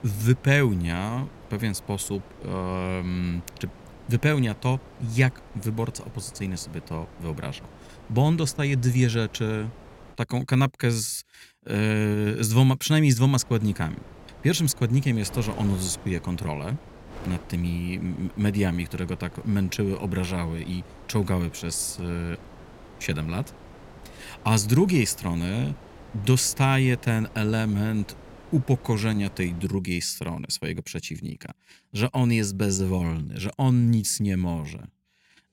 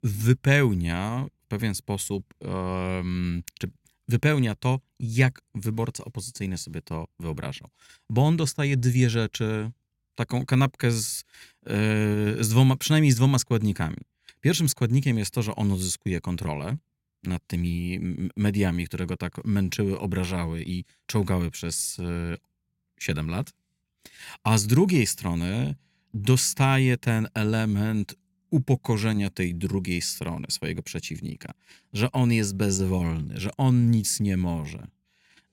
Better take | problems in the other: second | wind noise on the microphone; occasional gusts; until 10 s and from 13 to 30 s; 20 dB below the speech

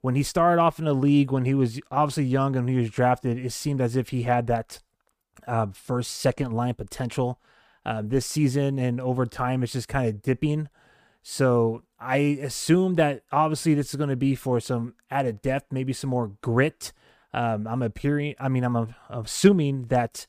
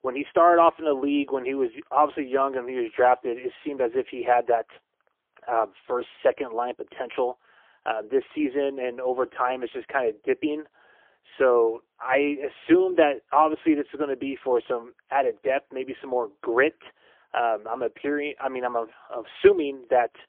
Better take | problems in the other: first | phone-call audio; poor line; nothing above 3 kHz

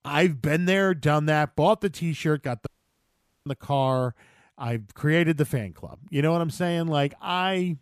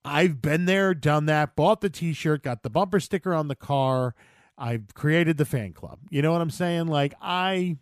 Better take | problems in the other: second | audio cutting out; at 2.5 s for 1 s

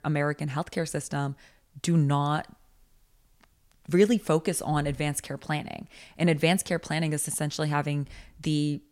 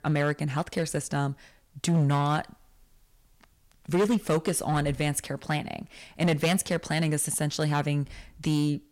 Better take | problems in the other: first | distortion; slight; 6% of the sound clipped

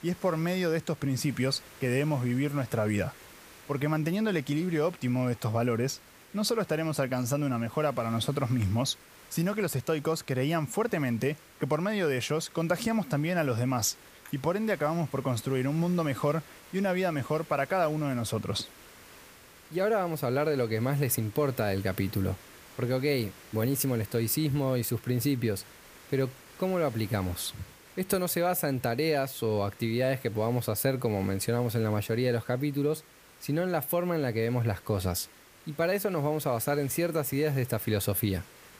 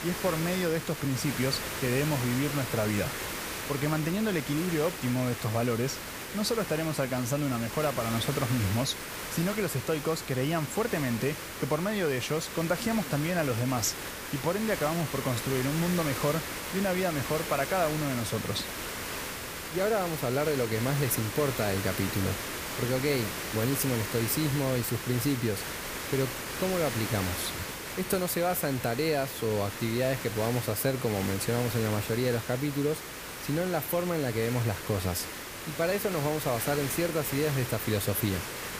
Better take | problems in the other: first | hiss; loud; throughout; 5 dB below the speech; faint in the first

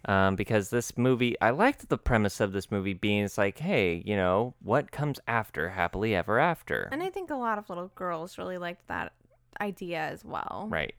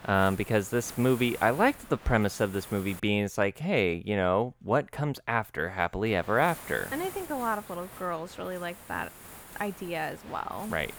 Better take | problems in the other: first | hiss; noticeable; until 3 s and from 6 s on; 15 dB below the speech

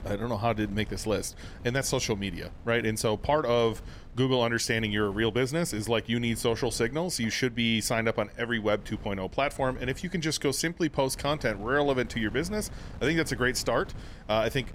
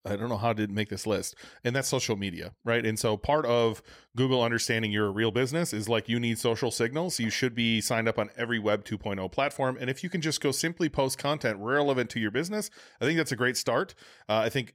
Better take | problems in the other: second | wind noise on the microphone; occasional gusts; 25 dB below the speech

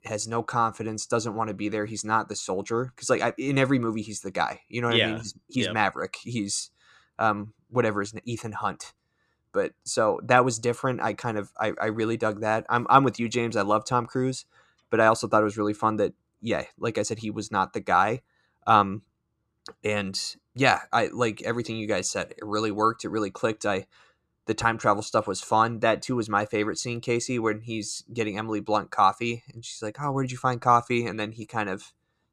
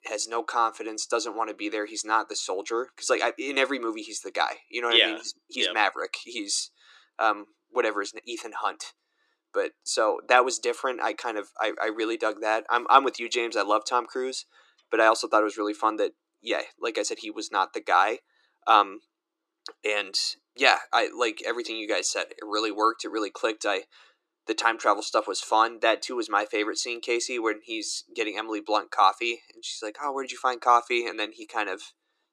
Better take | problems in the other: first | thin; very; fading below 300 Hz

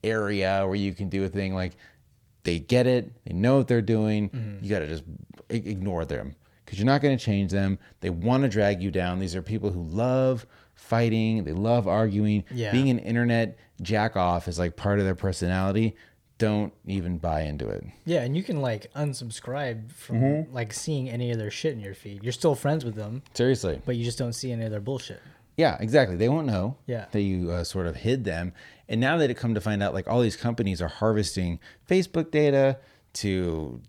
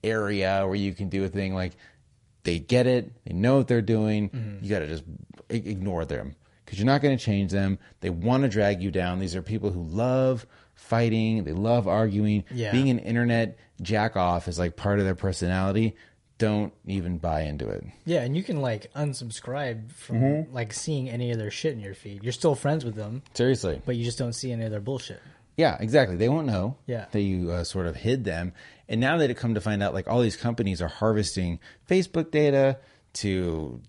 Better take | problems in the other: first | garbled, watery; slightly; nothing above 10 kHz

